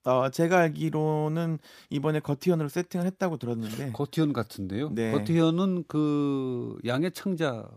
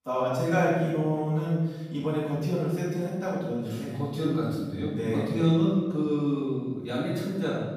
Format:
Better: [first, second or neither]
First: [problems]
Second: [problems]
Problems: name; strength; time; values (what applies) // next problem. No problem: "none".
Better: first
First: none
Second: room echo; strong; dies away in 1.2 s // off-mic speech; far